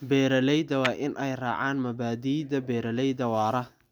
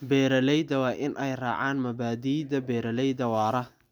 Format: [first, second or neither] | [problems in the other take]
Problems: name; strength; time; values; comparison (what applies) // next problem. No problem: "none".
second | background sound (Tap / Hammer); 15 dB below the speech